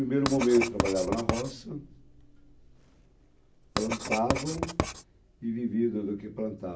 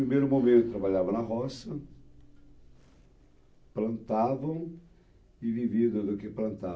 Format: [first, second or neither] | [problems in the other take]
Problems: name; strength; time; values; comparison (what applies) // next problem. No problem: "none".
second | background sound (Writing); 4 dB below the speech